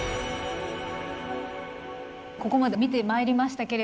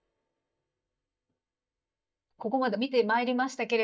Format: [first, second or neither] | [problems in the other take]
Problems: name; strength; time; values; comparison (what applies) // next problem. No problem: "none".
first | noise reduction (neural mask model DeepFilterNet 3)